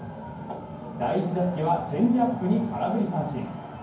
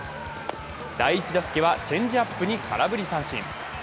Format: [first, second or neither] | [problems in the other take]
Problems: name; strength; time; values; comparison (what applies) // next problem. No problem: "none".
second | room echo; dies away in 0.9 s